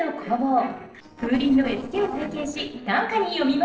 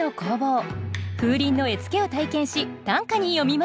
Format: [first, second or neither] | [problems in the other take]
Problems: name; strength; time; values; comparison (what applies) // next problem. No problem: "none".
second | noise reduction (neural separator model SepFormer DNS4)